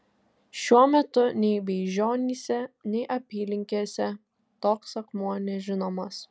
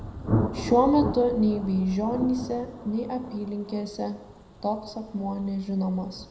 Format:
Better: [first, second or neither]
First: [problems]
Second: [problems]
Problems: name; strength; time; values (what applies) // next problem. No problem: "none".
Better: first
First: none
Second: background sound (Thunder); 7 dB below the speech // room echo; dies away in 0.7 s